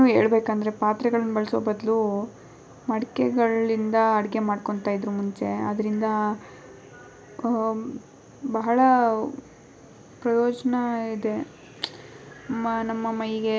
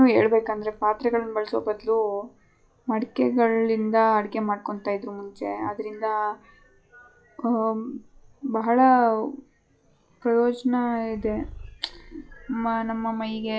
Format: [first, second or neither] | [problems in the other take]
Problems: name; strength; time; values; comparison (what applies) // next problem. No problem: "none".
first | noise reduction (classical method log-MMSE)